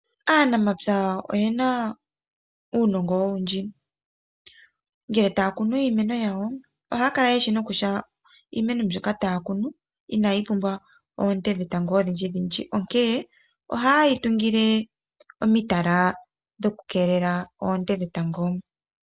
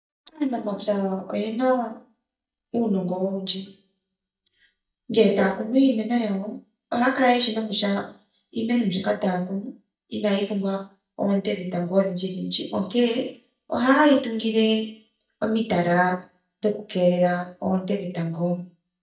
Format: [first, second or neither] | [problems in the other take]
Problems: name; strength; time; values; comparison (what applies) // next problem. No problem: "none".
first | noise reduction (neural mask model DeepFilterNet 3)